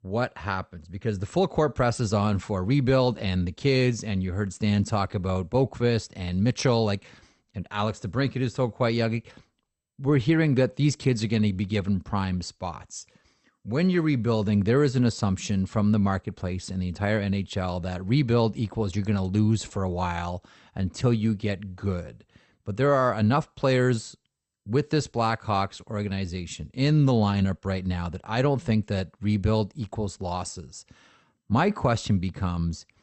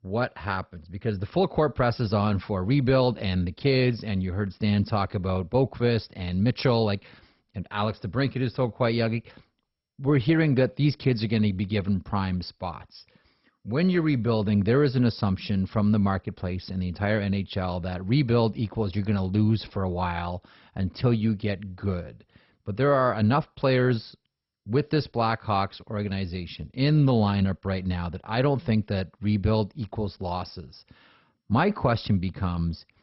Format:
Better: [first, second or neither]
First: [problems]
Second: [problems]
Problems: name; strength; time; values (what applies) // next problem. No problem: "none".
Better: first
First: garbled, watery; slightly; nothing above 8.5 kHz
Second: garbled, watery; badly; nothing above 5.5 kHz